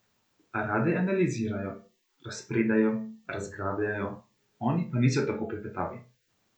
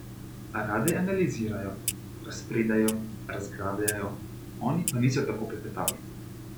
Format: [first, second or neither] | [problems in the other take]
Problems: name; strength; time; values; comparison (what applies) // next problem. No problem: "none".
first | background sound (Clock); 7 dB below the speech